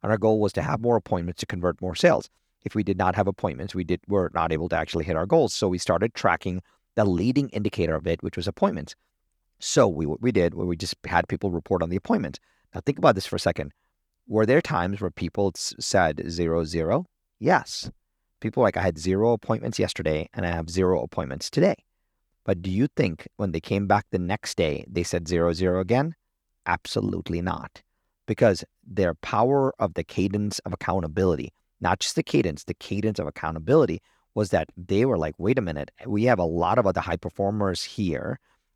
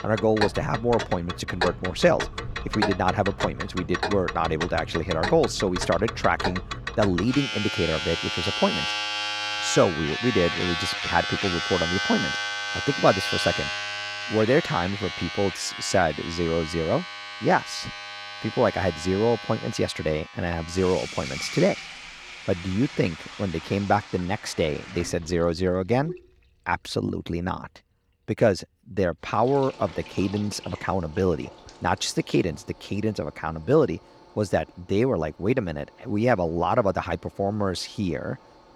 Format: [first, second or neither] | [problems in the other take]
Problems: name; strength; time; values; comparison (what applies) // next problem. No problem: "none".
first | household noises; loud; throughout; 5 dB below the speech